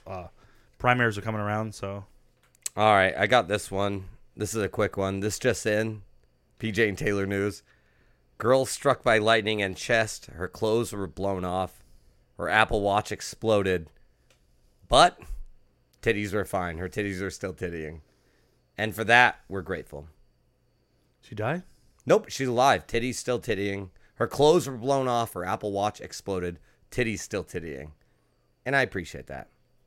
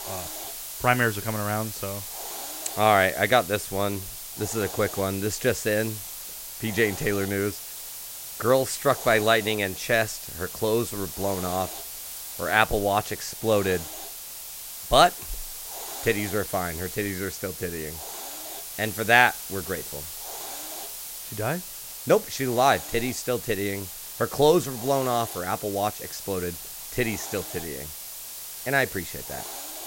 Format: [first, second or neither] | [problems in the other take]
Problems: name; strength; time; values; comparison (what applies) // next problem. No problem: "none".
first | hiss; loud; throughout; 9 dB below the speech